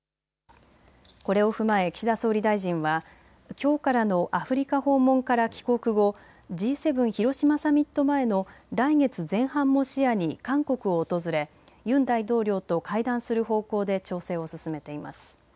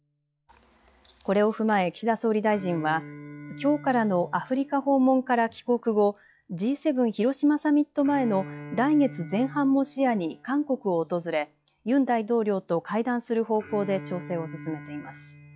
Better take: first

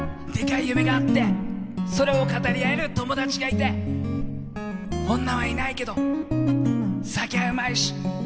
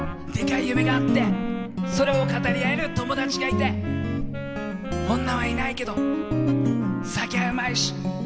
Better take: first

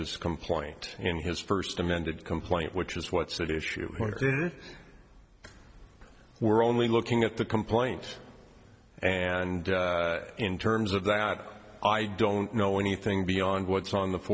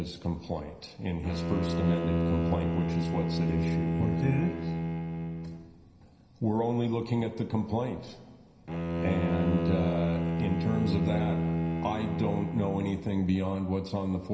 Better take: first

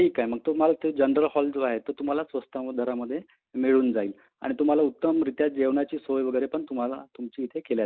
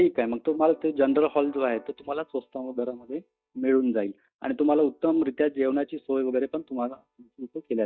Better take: first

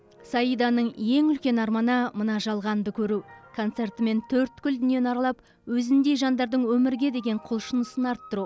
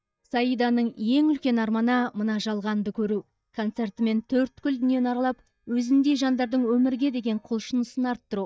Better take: first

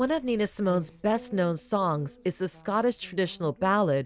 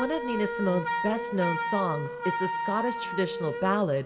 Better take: first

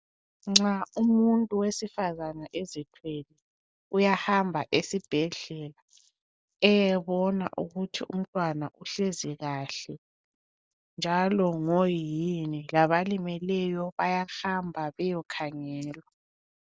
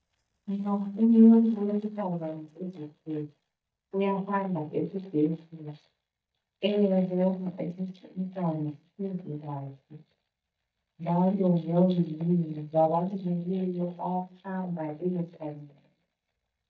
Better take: first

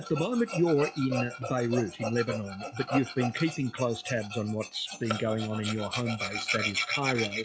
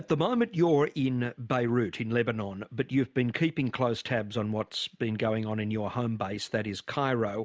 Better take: second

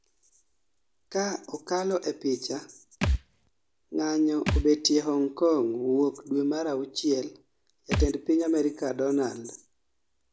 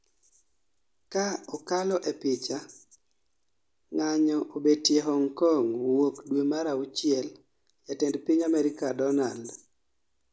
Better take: second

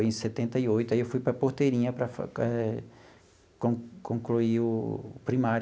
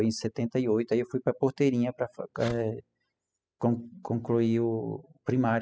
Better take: first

